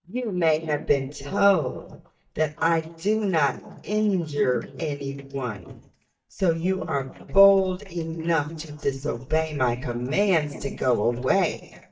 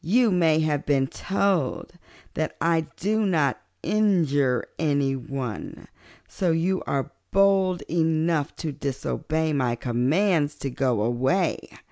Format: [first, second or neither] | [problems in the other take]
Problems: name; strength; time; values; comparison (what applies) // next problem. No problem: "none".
second | noise reduction (neural mask model DeepFilterNet 3)